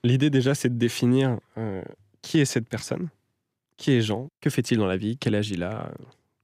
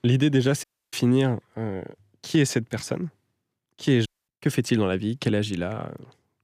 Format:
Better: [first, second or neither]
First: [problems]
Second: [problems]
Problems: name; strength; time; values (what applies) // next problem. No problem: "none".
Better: first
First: none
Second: audio cutting out; at 0.5 s and at 4 s